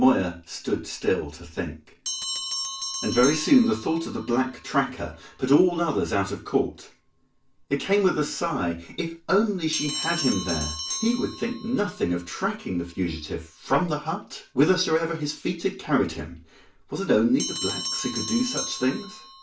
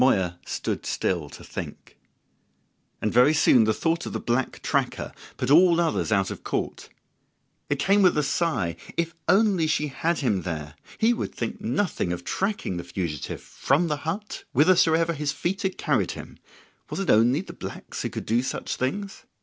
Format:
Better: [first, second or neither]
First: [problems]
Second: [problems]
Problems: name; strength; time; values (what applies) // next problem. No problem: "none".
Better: second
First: background sound (Bell); 11 dB below the speech // room echo; dies away in 0.3 s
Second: none